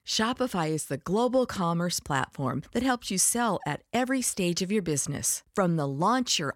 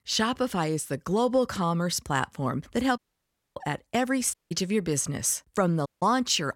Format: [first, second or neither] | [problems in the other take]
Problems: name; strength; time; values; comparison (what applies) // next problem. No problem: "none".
first | audio cutting out; at 3 s for 0.5 s, at 4.5 s and at 6 s